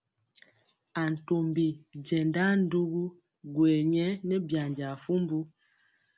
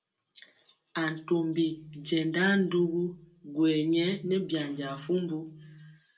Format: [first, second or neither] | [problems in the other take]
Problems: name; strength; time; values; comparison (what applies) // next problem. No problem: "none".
first | room echo; dies away in 0.2 s